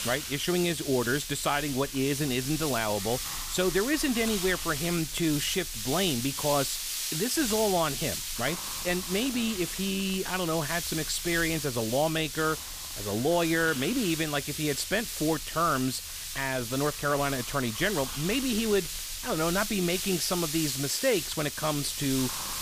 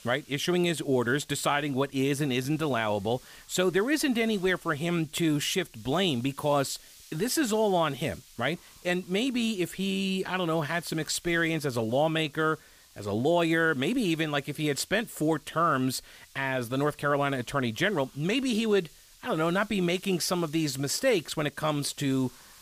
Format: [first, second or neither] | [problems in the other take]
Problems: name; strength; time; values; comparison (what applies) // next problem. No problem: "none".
second | hiss; loud; throughout; 4 dB below the speech; faint in the second